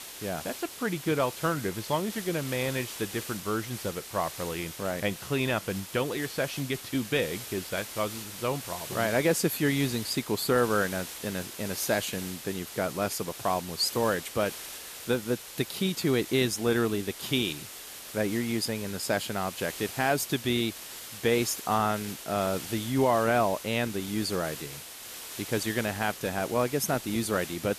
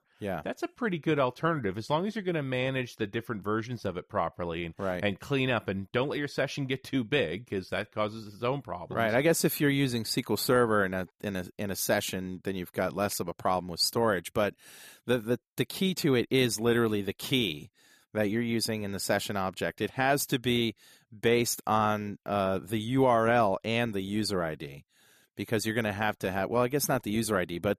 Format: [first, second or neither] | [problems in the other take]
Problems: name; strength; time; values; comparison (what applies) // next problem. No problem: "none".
second | hiss; loud; throughout; 10 dB below the speech